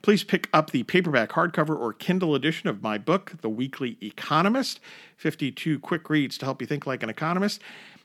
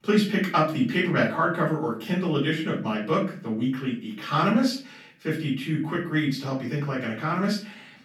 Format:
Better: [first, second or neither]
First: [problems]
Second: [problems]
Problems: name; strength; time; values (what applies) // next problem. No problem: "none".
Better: first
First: none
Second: off-mic speech; far // room echo; slight; dies away in 0.3 s